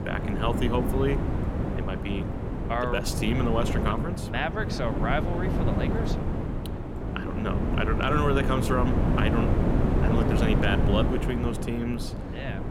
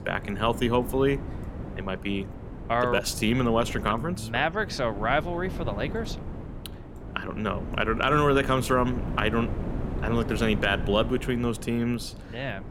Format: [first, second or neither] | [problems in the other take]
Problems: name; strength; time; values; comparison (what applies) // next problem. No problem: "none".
second | wind noise on the microphone; heavy; 3 dB below the speech; occasional gusts in the second